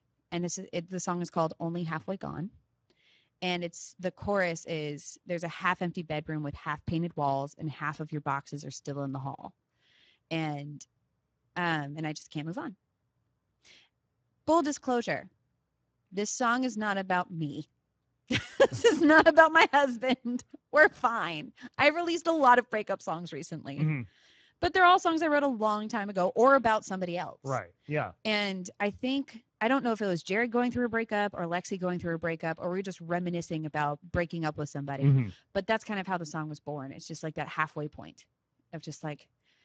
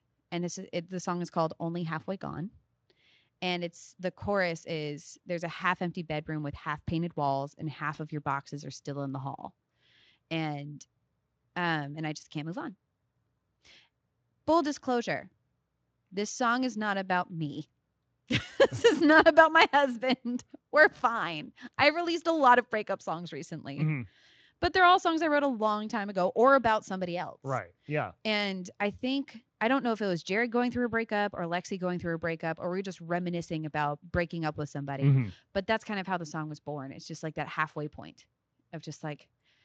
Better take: second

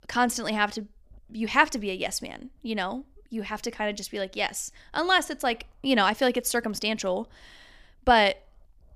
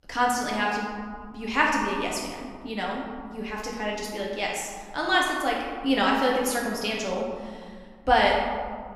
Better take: first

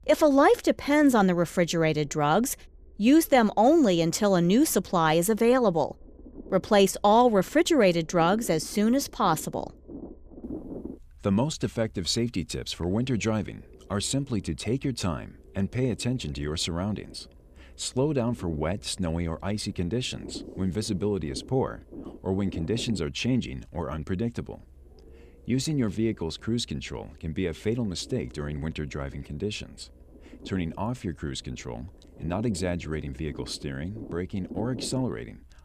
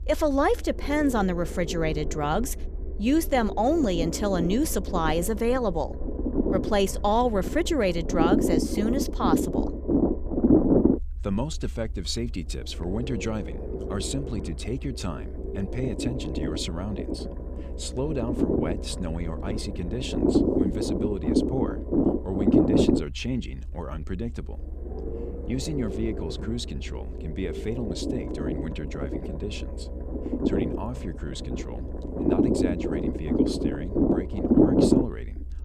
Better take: first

